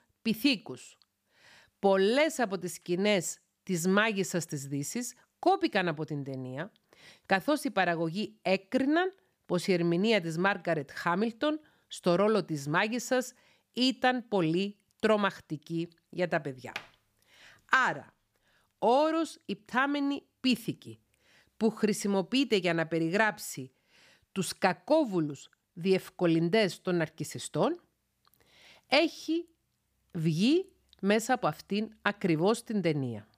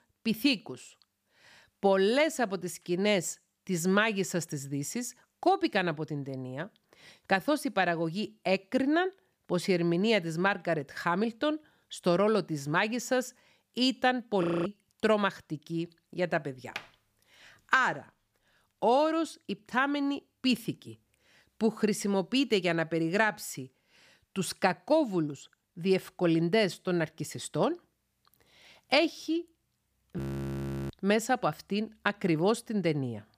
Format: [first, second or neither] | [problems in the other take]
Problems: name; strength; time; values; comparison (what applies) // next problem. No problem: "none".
first | audio freezing; at 14 s and at 30 s for 0.5 s